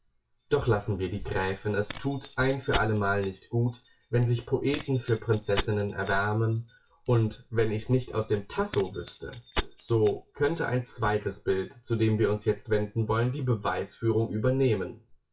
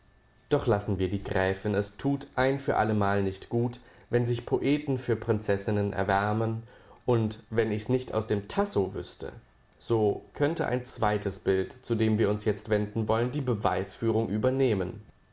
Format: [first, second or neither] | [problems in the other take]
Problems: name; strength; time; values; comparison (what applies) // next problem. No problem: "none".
second | noise reduction (classical method WPE with log-MMSE)